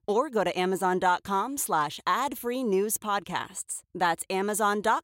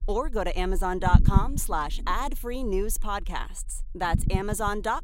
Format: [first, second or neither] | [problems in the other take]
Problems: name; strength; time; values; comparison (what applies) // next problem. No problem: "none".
first | low rumble; noticeable; throughout; 10 dB below the speech